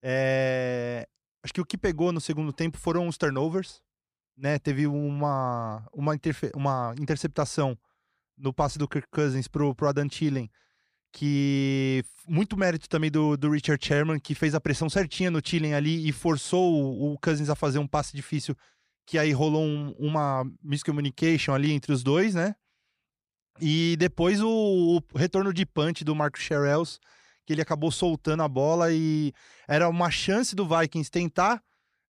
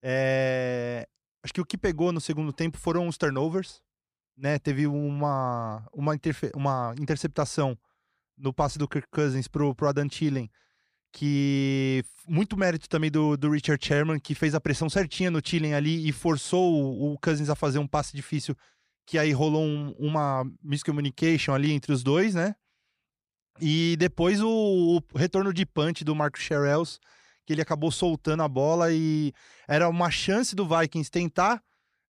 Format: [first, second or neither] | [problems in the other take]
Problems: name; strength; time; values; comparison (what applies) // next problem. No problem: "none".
neither | none